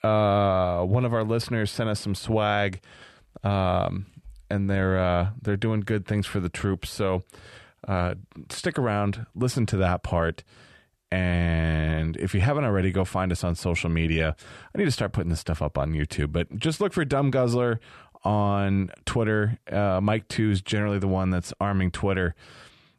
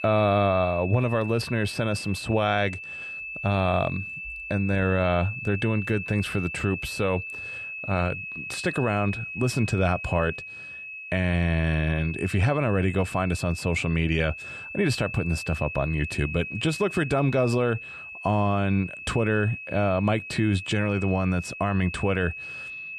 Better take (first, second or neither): first